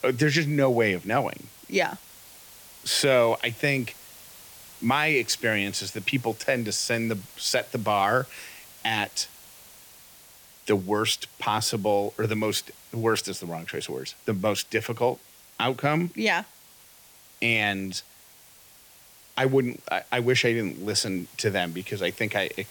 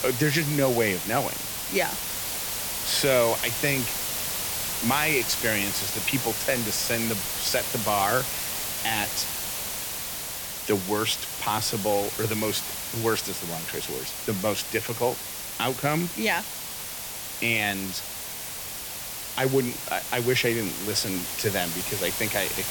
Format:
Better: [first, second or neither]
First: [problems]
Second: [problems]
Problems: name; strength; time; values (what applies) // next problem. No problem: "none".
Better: first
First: hiss; faint; throughout; 20 dB below the speech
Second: hiss; loud; throughout; 2 dB below the speech